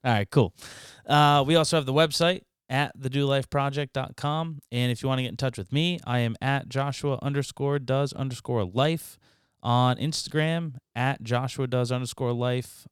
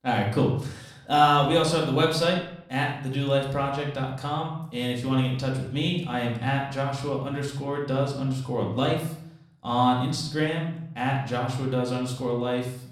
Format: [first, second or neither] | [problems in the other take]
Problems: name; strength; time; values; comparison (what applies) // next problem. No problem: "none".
first | off-mic speech; far // room echo; noticeable; dies away in 0.6 s